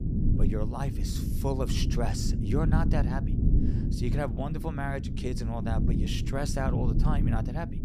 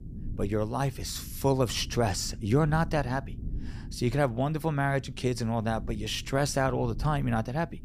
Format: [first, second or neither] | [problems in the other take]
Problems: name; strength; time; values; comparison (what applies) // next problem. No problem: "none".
second | low rumble; loud; throughout; 4 dB below the speech; faint in the second